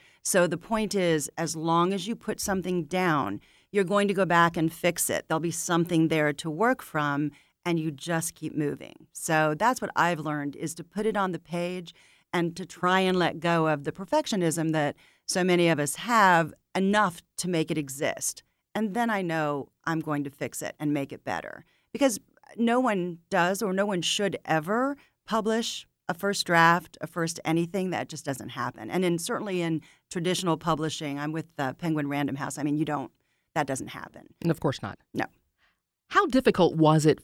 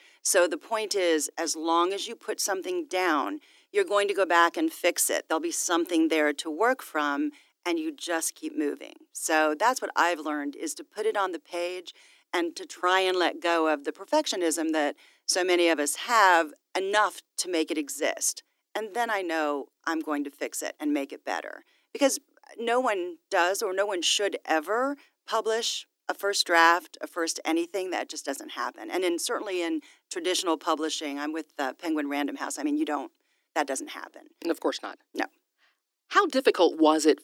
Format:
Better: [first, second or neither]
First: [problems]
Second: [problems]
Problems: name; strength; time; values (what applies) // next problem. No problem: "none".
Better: first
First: none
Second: thin; somewhat; fading below 300 Hz